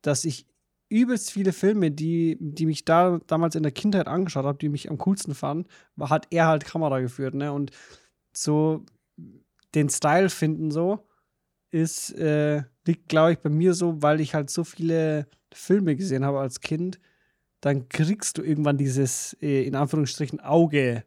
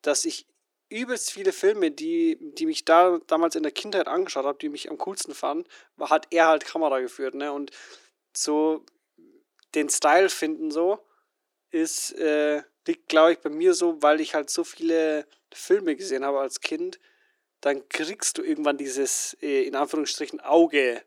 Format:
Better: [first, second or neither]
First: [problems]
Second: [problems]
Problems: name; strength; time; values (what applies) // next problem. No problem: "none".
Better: first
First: none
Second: thin; somewhat; fading below 300 Hz